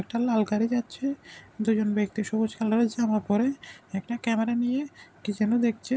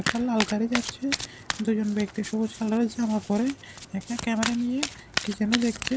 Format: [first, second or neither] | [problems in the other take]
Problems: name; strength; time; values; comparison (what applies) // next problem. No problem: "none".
first | background sound (Domestic sounds, home sounds); 7 dB below the speech